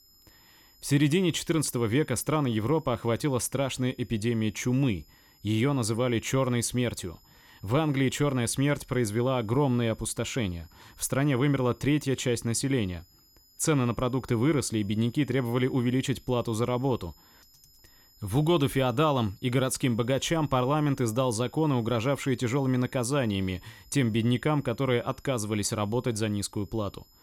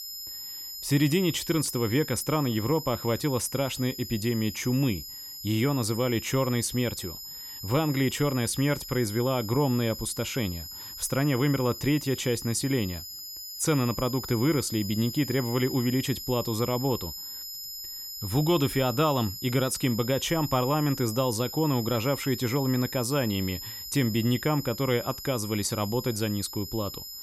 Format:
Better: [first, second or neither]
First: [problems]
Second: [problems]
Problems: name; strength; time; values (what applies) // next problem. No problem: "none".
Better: first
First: high-pitched whine; faint; throughout; 5 kHz, 30 dB below the speech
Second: high-pitched whine; loud; throughout; 5 kHz, 9 dB below the speech